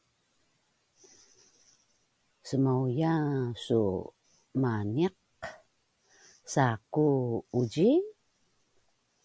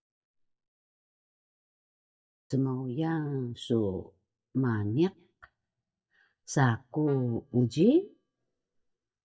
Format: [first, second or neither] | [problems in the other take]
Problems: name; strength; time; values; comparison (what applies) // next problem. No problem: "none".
first | noise reduction (neural mask model DeepFilterNet 3)